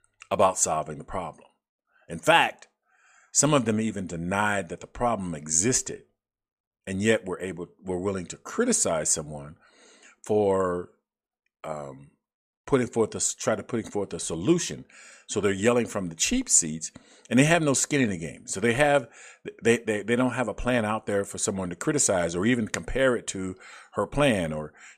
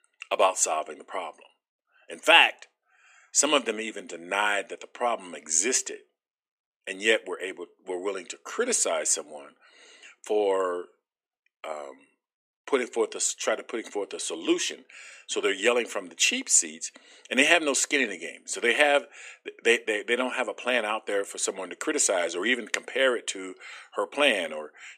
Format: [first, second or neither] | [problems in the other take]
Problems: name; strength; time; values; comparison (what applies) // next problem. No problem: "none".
first | thin; somewhat; fading below 300 Hz